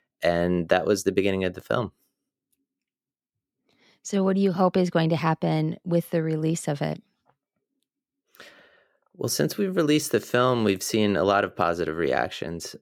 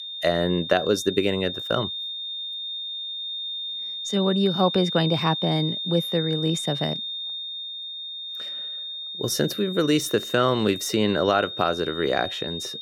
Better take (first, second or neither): first